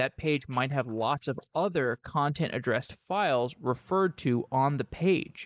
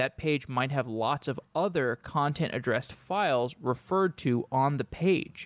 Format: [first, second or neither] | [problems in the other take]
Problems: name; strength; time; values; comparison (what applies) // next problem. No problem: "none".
second | noise reduction (neural mask model Resemble Enhance denoiser)